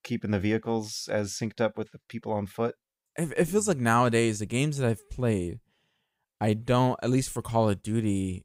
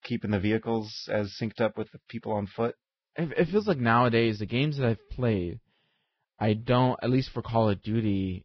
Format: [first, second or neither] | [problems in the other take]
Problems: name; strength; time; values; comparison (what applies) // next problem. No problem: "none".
first | garbled, watery; badly; nothing above 5.5 kHz